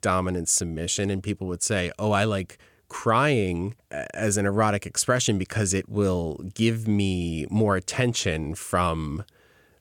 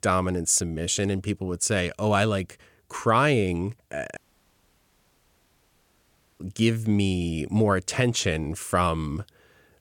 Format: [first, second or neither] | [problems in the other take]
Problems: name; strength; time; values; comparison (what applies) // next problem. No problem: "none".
first | audio cutting out; at 4 s for 2 s